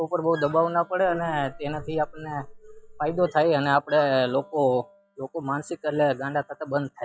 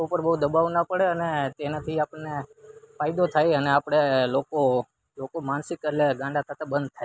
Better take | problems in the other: second | noise reduction (classical method log-MMSE)

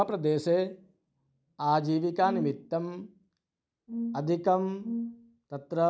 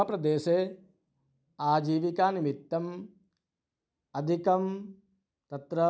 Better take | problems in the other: second | background sound (Brass instrument); 7 dB below the speech

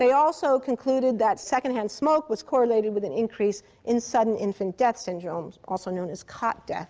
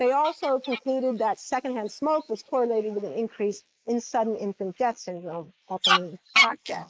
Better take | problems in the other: first | noise reduction (neural mask model Resemble Enhance denoiser)

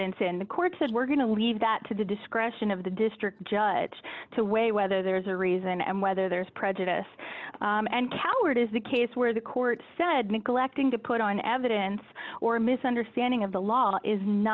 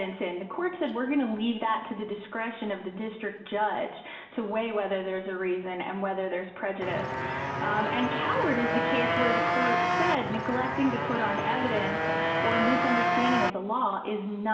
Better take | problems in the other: first | background sound (Motorcycle); 2 dB above the speech // room echo; dies away in 1.2 s

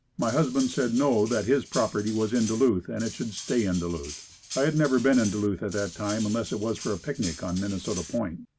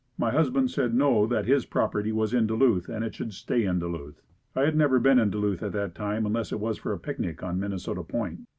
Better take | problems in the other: second | background sound (Cutlery, silverware); 14 dB below the speech

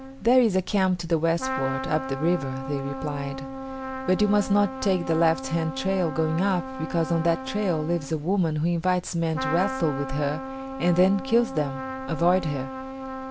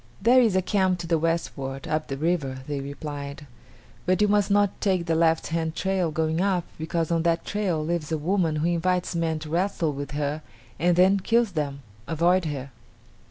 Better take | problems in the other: second | background sound (Trumpet); 9 dB below the speech

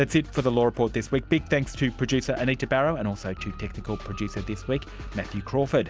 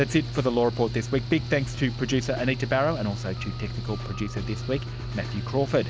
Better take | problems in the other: first | background sound (Mechanical fan / Engine); 7 dB below the speech

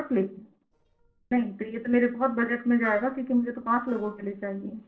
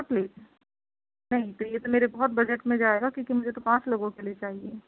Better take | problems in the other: second | noise reduction (neural separator model SepFormer DNS4)

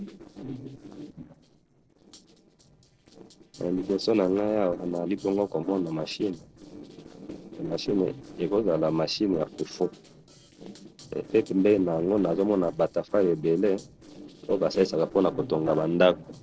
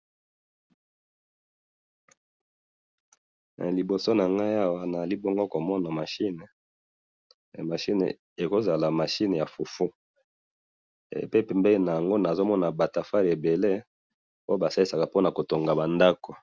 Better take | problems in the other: second | noise reduction (neural separator model SepFormer DNS4)

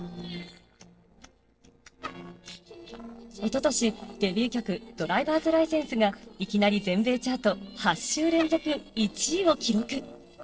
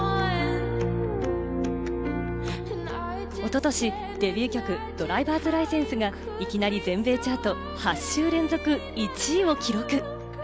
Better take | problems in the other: second | noise reduction (neural separator model SepFormer DNS4)

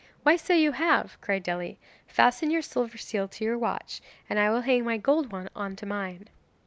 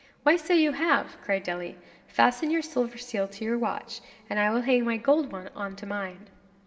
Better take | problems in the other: first | room echo; dies away in 2.4 s

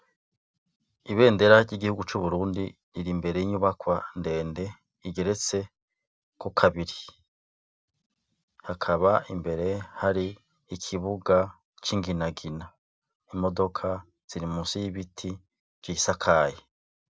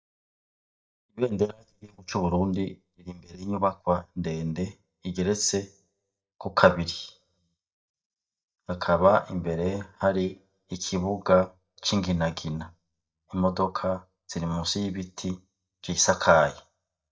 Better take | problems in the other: first | noise reduction (neural mask model DeepFilterNet 3)

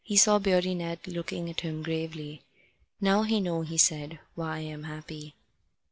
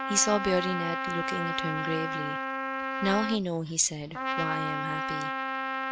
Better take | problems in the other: first | background sound (Trumpet); 1 dB below the speech

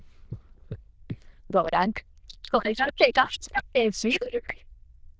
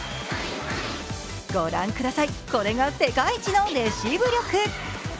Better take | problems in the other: second | noise reduction (neural diffusion model UNIVERSE++)

